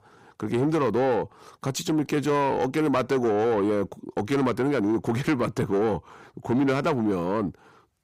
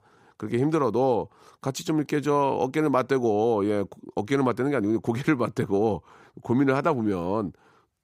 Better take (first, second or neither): second